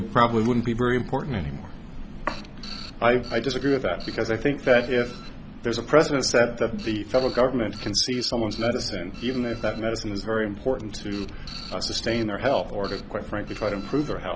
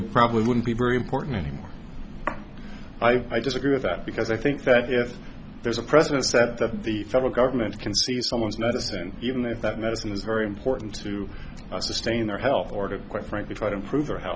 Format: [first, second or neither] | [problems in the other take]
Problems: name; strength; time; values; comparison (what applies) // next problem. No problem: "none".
second | background sound (Printer); 19 dB below the speech